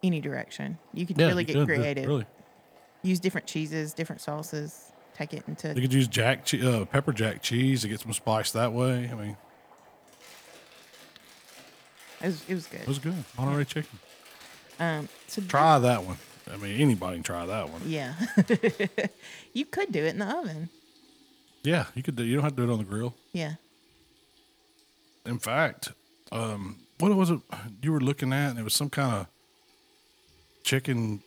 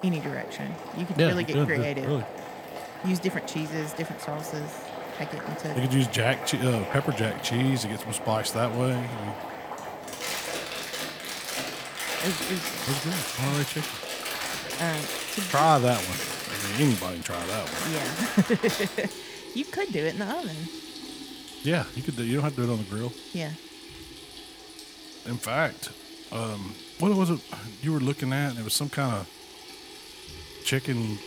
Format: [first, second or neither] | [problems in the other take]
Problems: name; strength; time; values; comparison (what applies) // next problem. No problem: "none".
first | household noises; loud; throughout; 7 dB below the speech; faint in the first